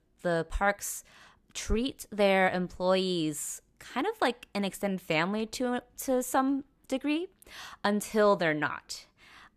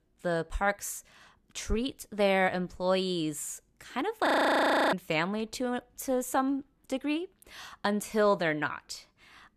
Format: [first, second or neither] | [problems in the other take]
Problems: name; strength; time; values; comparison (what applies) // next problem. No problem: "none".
first | audio freezing; at 4.5 s for 0.5 s